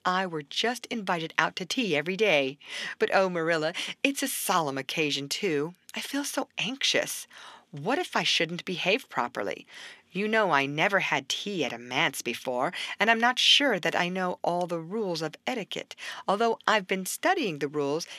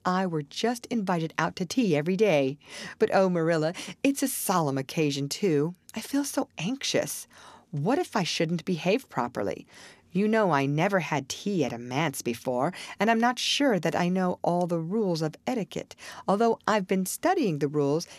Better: second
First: thin; very slightly; fading below 350 Hz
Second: none

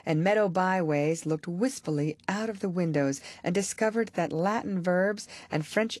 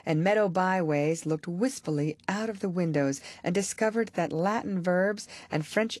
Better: neither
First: garbled, watery; slightly; nothing above 11.5 kHz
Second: garbled, watery; slightly; nothing above 11.5 kHz

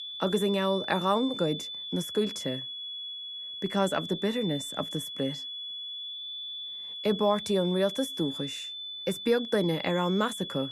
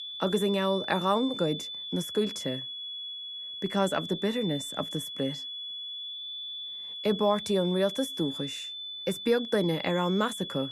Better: neither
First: high-pitched whine; loud; throughout; 3.5 kHz, 6 dB below the speech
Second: high-pitched whine; loud; throughout; 3.5 kHz, 6 dB below the speech

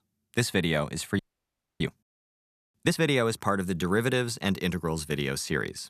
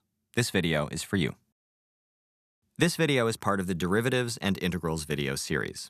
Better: second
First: audio freezing; at 1 s for 0.5 s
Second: none

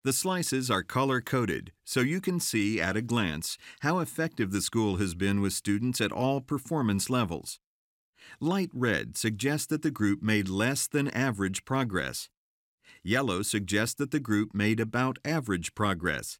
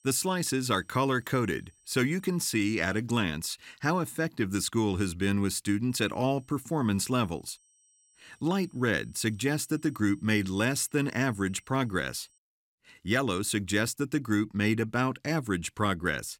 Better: first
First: none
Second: high-pitched whine; faint; until 3 s and from 6 to 12 s; 8 kHz, 35 dB below the speech

